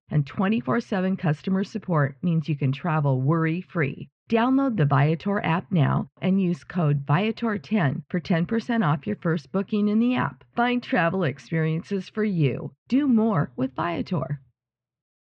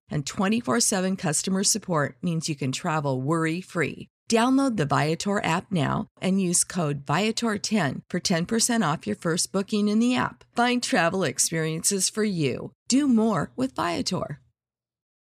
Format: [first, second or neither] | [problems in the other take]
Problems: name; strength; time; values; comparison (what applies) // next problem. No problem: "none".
second | muffled; very; fading above 3 kHz